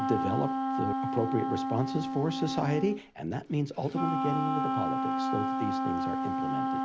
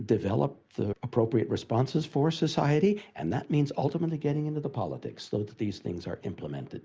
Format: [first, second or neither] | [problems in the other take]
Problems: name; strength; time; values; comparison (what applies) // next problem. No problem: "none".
second | background sound (Wind instrument, woodwind instrument); 1 dB above the speech